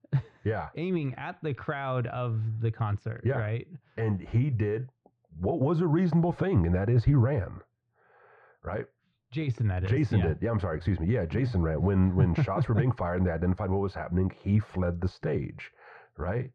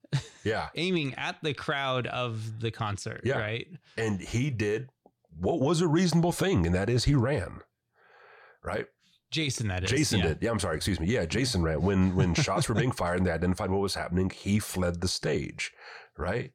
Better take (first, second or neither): second